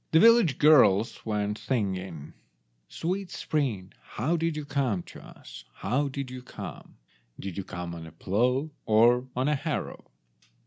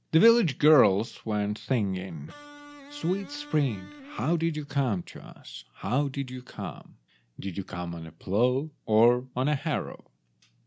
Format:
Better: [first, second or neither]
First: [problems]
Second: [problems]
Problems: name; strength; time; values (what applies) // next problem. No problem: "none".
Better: first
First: none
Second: background sound (Electric guitar); 19 dB below the speech